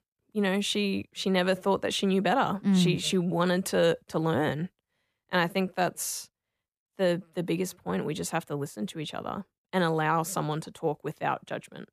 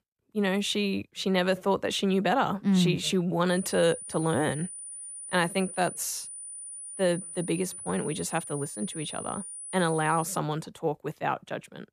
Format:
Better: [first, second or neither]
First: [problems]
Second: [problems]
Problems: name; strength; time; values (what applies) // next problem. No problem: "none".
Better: first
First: none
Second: high-pitched whine; loud; from 3.5 to 10 s; 9.5 kHz, 10 dB below the speech